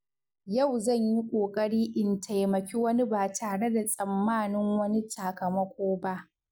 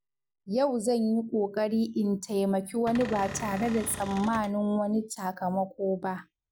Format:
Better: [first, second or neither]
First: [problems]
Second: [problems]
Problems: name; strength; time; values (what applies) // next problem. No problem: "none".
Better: first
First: none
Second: background sound (Cupboard open or close / Door); 10 dB below the speech